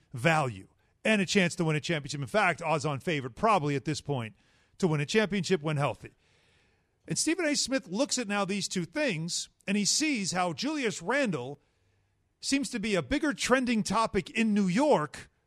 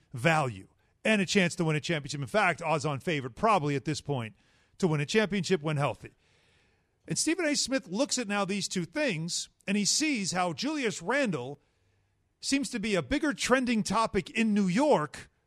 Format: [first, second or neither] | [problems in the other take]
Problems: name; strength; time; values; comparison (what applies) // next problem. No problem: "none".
neither | none